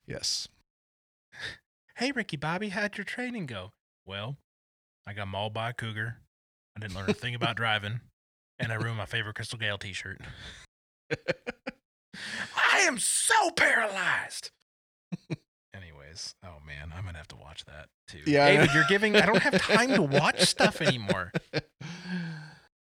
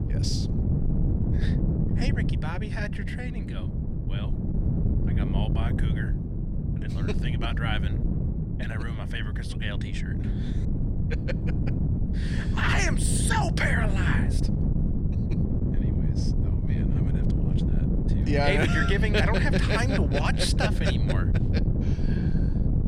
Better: first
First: none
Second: wind noise on the microphone; heavy; 7 dB below the speech

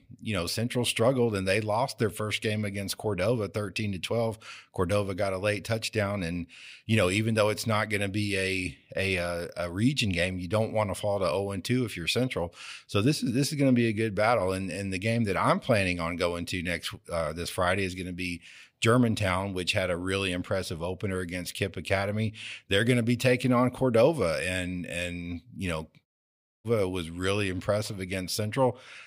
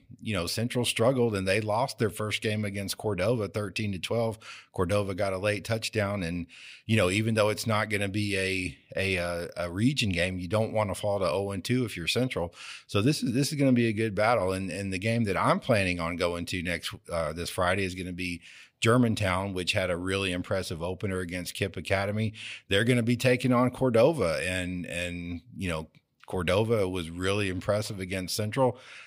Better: second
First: audio cutting out; at 26 s for 0.5 s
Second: none

